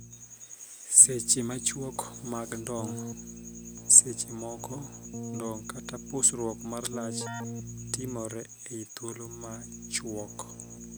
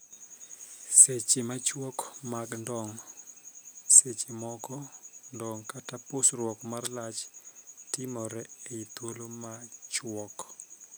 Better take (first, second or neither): second